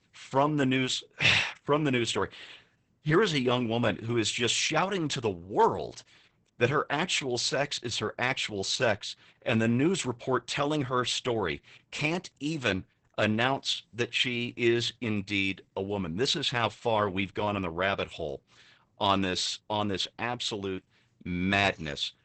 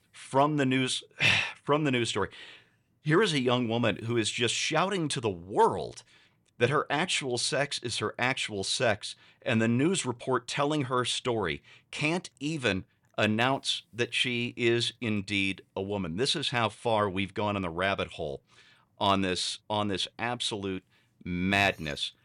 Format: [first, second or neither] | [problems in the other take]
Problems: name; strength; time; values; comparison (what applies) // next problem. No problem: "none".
second | garbled, watery; badly; nothing above 8 kHz